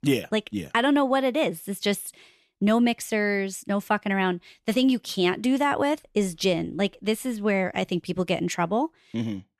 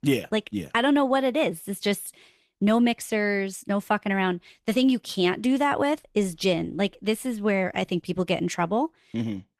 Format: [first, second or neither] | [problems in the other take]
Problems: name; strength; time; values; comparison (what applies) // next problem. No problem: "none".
first | garbled, watery; slightly; nothing above 13.5 kHz